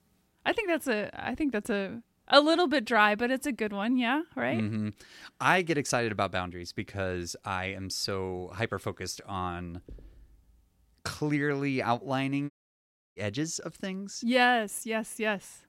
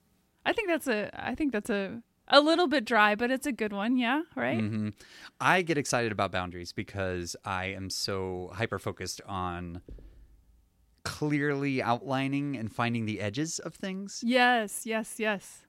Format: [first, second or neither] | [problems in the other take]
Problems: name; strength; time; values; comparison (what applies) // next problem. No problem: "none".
second | audio cutting out; at 13 s for 0.5 s